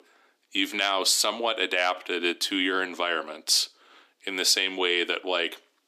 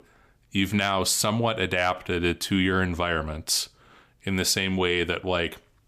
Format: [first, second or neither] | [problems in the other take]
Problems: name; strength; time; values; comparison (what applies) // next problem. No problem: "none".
second | thin; somewhat; fading below 300 Hz